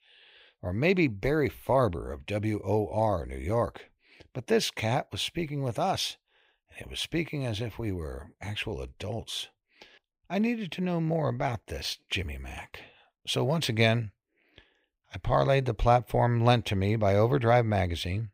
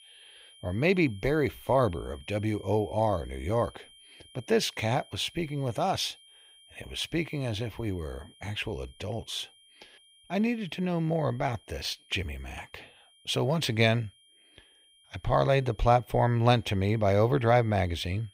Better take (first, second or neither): first